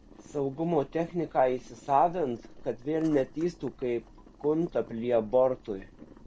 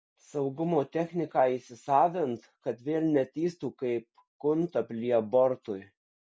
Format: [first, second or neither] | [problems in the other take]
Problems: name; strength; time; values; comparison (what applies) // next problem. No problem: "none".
second | background sound (Boiling); 20 dB below the speech